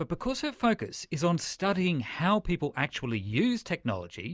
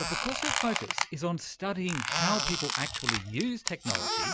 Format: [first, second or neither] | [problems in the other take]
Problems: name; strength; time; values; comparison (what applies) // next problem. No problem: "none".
first | background sound (Squeak); 1 dB above the speech